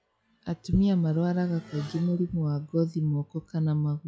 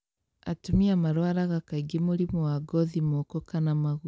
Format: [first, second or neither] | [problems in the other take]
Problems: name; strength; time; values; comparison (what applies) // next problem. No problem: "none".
second | noise reduction (classical method log-MMSE)